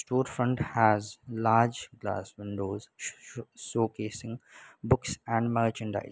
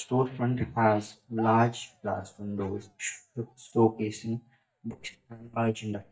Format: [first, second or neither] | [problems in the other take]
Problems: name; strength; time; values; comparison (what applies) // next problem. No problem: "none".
first | noise reduction (neural mask model DeepFilterNet 3)